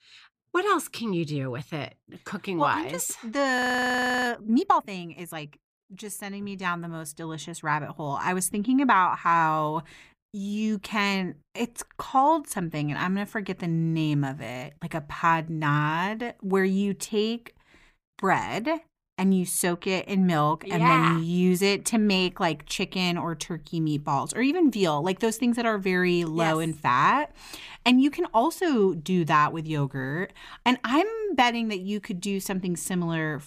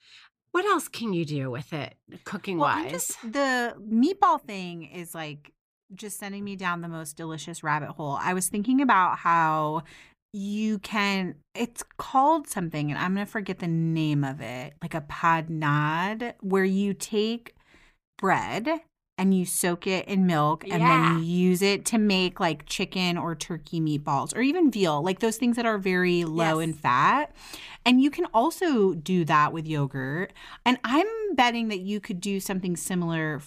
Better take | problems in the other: second | audio freezing; at 3.5 s for 0.5 s

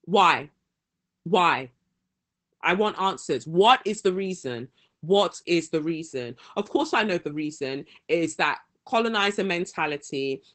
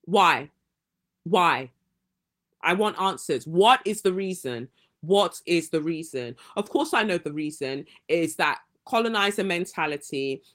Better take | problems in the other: second | garbled, watery; badly; nothing above 8 kHz; slightly in the second

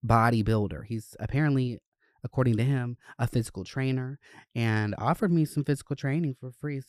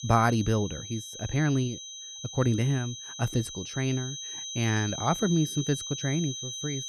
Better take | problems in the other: first | high-pitched whine; loud; throughout; 6 kHz, 7 dB below the speech

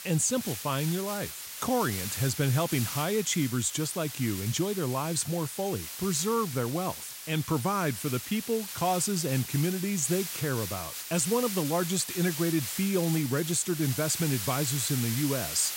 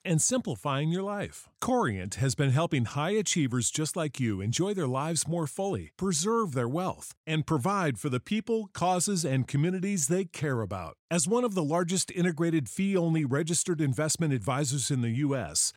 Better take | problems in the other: second | hiss; loud; throughout; 6 dB below the speech

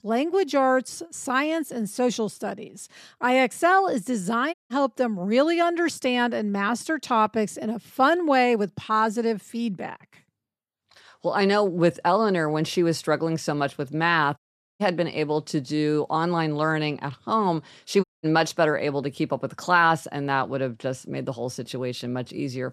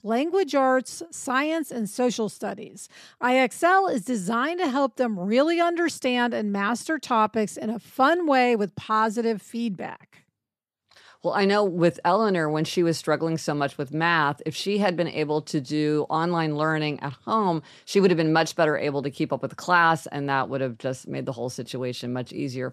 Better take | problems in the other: second | audio cutting out; at 4.5 s, at 14 s and at 18 s

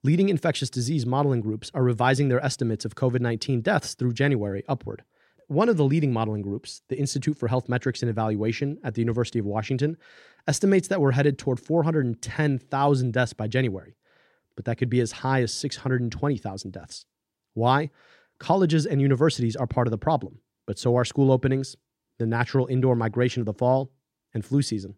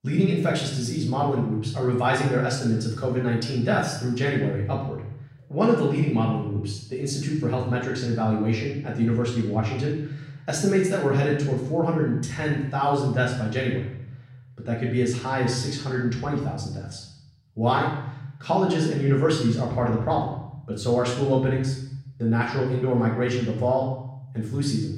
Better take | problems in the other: first | room echo; noticeable; dies away in 0.7 s // off-mic speech; far

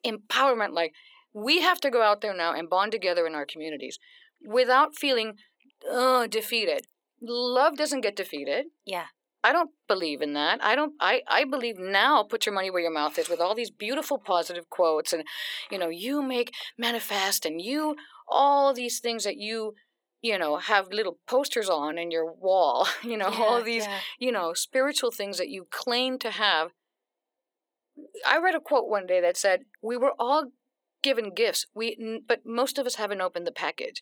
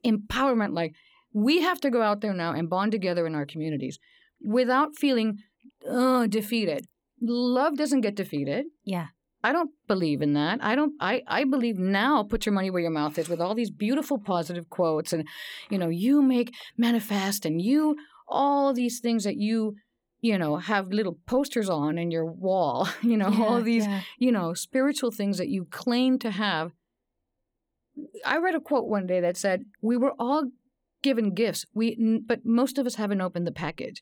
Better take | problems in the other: second | thin; very; fading below 450 Hz

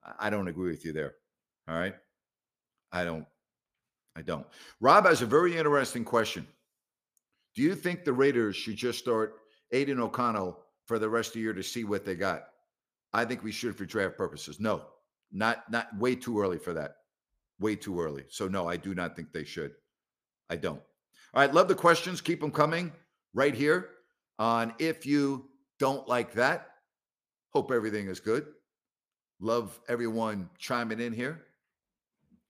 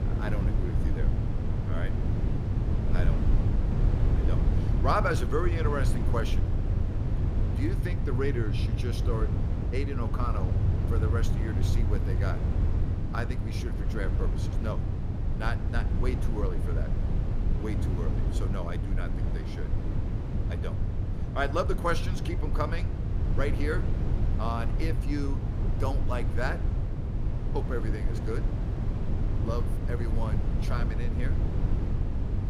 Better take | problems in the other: first | low rumble; loud; throughout; 5 dB below the speech

